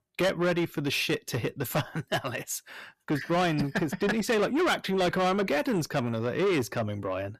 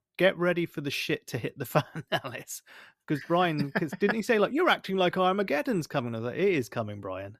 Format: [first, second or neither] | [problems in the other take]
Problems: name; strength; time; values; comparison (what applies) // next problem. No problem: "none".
second | distortion; heavy; 8 dB below the speech